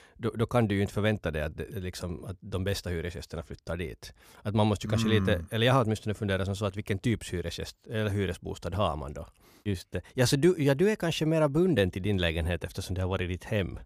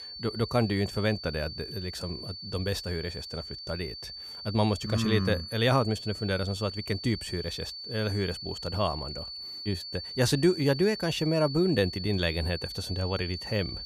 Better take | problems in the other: first | high-pitched whine; loud; throughout; 4.5 kHz, 8 dB below the speech

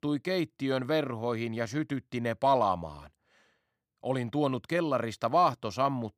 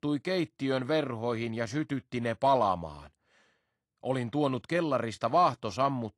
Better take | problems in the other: first | garbled, watery; slightly

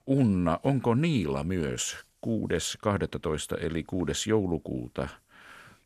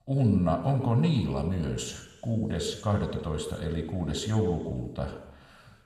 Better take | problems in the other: first | room echo; slight; dies away in 1 s

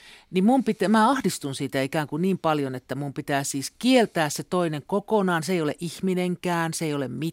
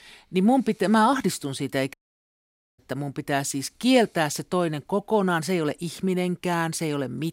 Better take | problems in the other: first | audio cutting out; at 2 s for 1 s

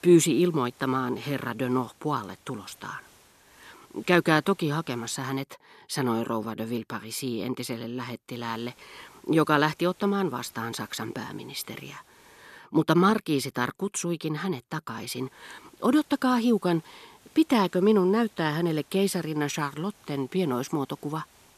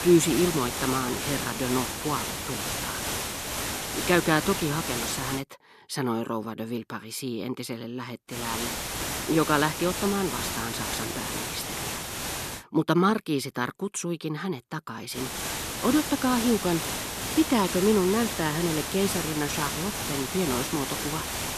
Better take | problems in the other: first | hiss; loud; until 5.5 s, from 8.5 to 13 s and from 15 s on; 2 dB below the speech; faint in the first

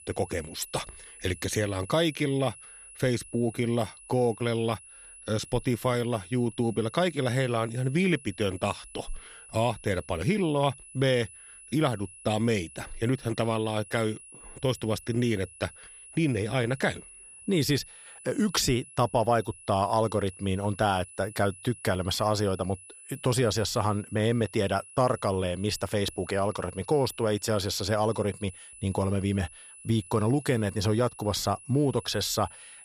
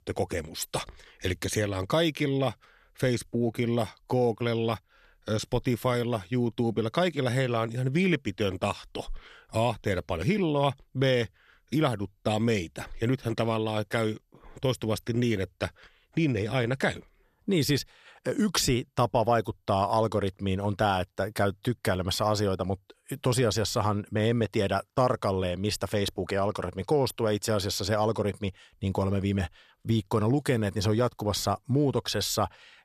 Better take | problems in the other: second | high-pitched whine; noticeable; throughout; 10 kHz, 20 dB below the speech

